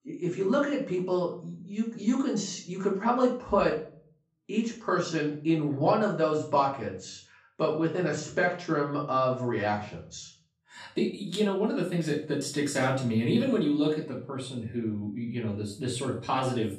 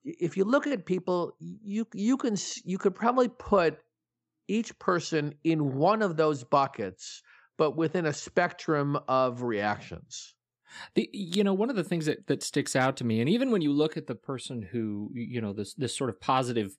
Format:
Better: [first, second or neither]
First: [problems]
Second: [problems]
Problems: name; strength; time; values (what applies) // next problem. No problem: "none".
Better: second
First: room echo; slight; dies away in 0.4 s // off-mic speech; far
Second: none